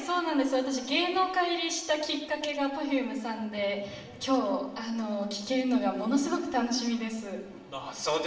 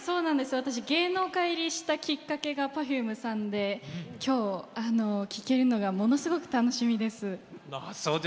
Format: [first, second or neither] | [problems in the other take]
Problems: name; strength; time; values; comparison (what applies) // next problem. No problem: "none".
second | room echo; dies away in 0.8 s